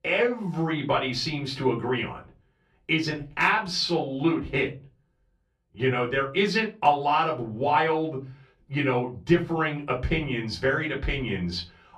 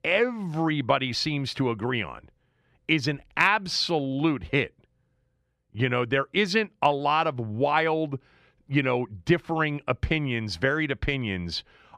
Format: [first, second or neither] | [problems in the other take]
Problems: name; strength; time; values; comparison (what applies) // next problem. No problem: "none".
second | off-mic speech; far // room echo; very slight; dies away in 0.2 s